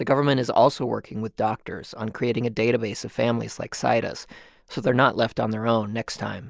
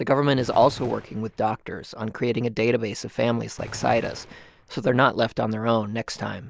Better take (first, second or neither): first